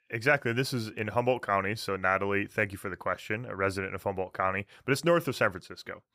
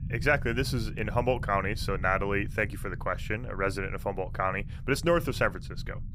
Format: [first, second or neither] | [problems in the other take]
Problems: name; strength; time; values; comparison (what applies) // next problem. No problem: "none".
first | low rumble; faint; throughout; 20 dB below the speech